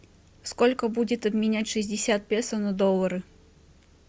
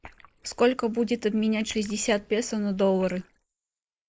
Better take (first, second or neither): first